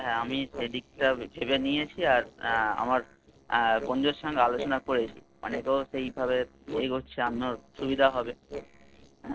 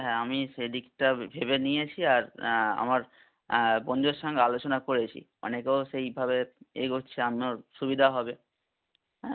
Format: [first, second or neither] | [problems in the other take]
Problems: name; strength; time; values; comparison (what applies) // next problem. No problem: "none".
second | noise reduction (neural separator model SepFormer DNS4)